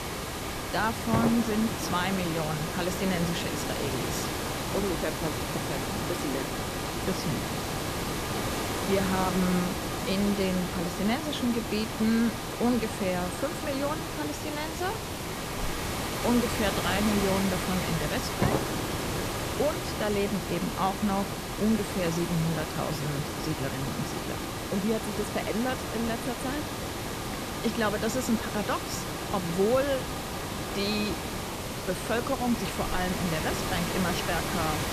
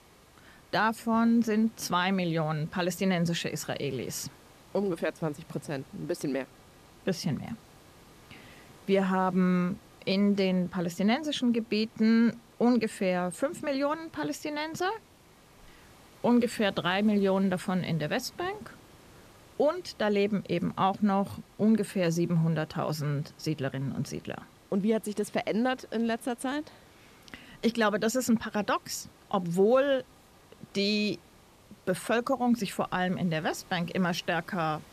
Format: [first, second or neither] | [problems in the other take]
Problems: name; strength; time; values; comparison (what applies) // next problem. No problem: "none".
second | hiss; loud; throughout; 1 dB below the speech; faint in the second